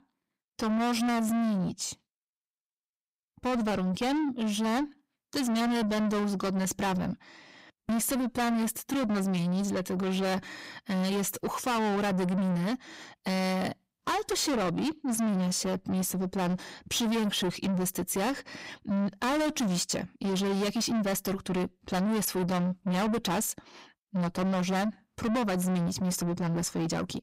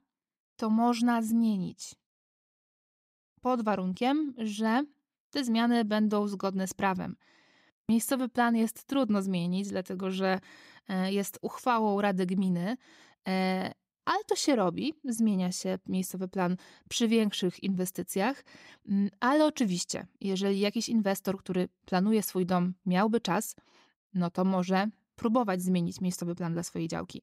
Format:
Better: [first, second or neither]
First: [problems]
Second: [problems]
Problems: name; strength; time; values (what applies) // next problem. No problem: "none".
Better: second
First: distortion; heavy; 6 dB below the speech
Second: none